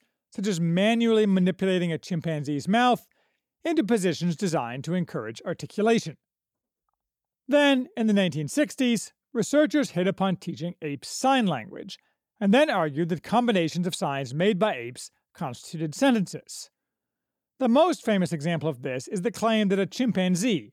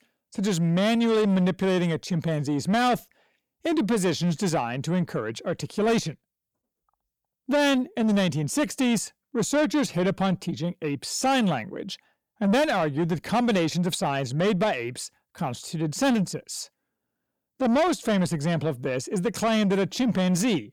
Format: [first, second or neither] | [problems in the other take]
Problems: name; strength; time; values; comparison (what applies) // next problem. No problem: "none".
first | distortion; slight; 10 dB below the speech